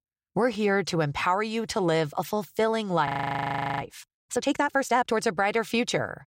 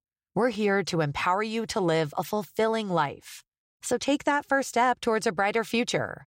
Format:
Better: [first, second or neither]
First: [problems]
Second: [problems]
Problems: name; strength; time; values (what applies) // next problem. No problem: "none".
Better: second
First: audio freezing; at 3 s for 0.5 s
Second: none